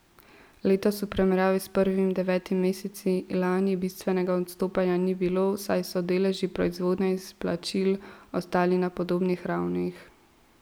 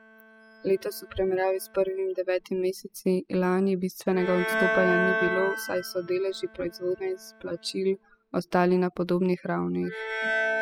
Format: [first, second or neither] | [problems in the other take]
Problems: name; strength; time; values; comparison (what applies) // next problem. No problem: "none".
first | noise reduction (classical method spectral subtraction)